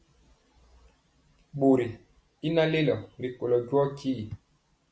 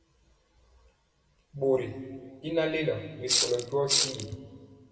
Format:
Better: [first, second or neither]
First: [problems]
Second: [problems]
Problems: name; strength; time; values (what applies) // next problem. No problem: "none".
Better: first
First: none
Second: background sound (Rattle (instrument)); 4 dB above the speech // room echo; dies away in 1.7 s